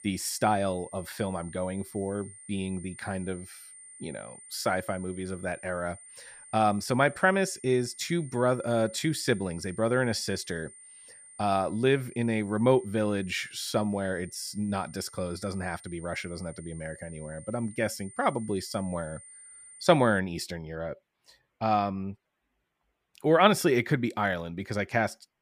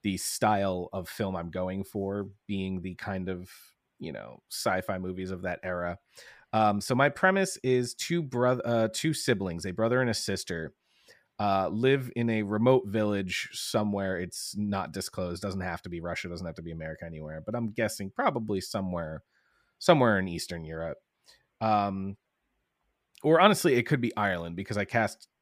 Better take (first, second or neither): second